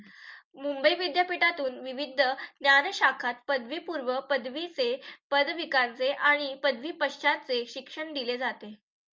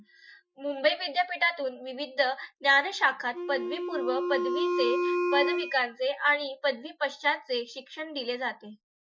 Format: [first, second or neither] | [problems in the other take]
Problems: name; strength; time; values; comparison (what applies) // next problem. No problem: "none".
first | noise reduction (classical method Wiener filter)